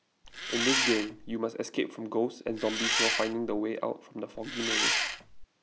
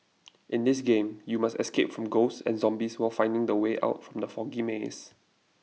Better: second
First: background sound (Engine); 2 dB above the speech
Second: none

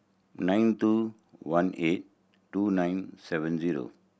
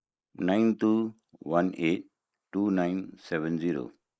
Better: first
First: none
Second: noise reduction (neural mask model Resemble Enhance denoiser)

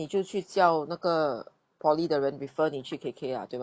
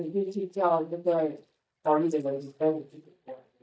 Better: first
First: none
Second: noise reduction (neural mask model DeepFilterNet 3)

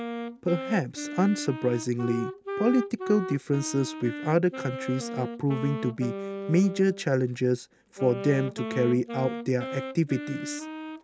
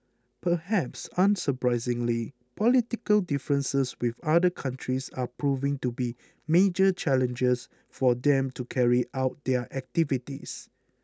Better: second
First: background sound (Wind instrument, woodwind instrument); 8 dB below the speech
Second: none

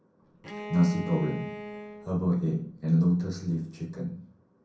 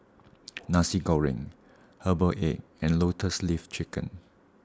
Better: second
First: background sound (Bowed string instrument); 12 dB below the speech // room echo; dies away in 0.6 s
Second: none

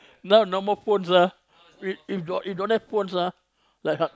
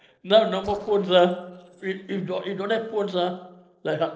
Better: first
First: none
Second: noise reduction (neural separator model SepFormer DNS4)

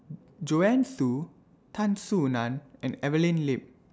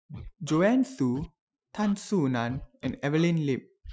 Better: first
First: none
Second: noise reduction (classical method Wiener filter)

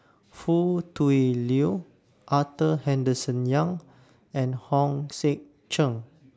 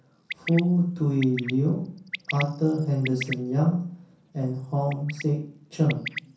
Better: first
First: none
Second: background sound (Bird); 14 dB below the speech // room echo; dies away in 0.6 s

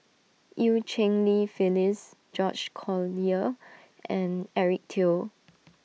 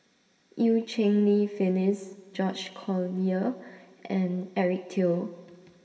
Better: first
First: none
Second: room echo; dies away in 2.2 s

